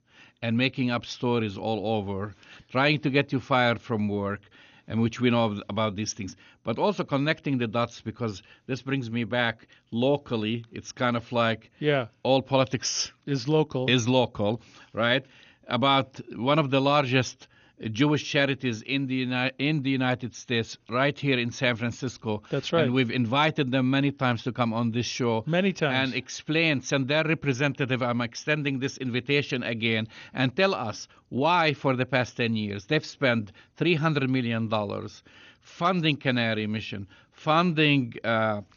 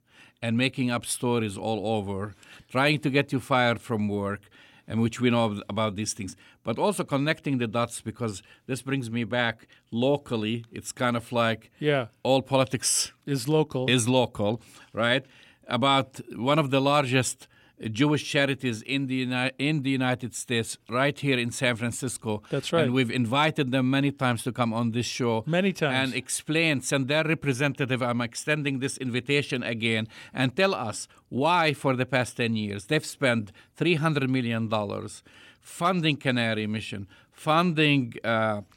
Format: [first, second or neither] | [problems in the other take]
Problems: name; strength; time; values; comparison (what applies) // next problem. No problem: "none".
second | garbled, watery; slightly; nothing above 6.5 kHz